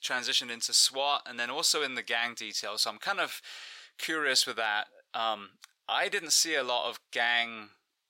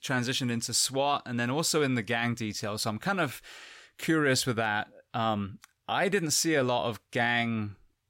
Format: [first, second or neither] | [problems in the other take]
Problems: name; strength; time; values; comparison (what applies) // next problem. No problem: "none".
second | thin; very; fading below 600 Hz